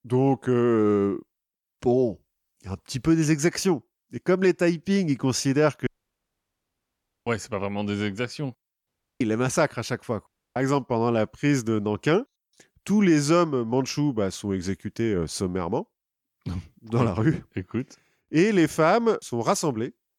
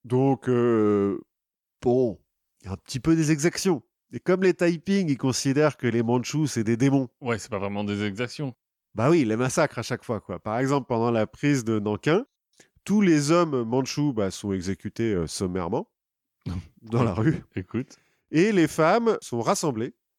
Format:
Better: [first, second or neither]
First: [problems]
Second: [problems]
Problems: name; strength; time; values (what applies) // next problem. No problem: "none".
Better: second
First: audio cutting out; at 6 s for 1.5 s, at 9 s and at 10 s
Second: none